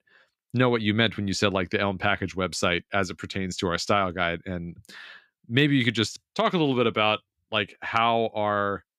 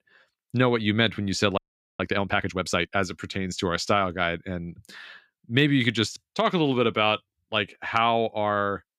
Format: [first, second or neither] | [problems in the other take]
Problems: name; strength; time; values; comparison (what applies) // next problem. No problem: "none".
first | audio freezing; at 1.5 s